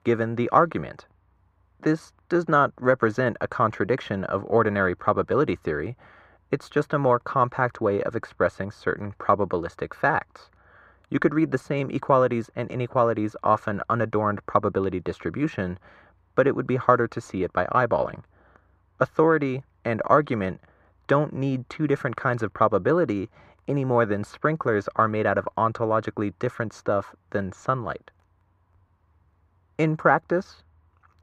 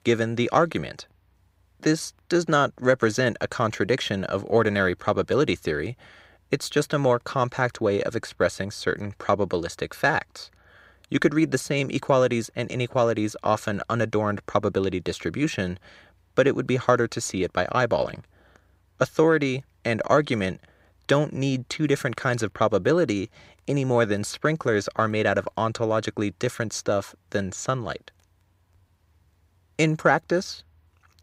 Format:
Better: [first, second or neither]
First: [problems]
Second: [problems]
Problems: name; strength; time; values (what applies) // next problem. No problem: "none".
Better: second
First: muffled; very; fading above 2.5 kHz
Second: none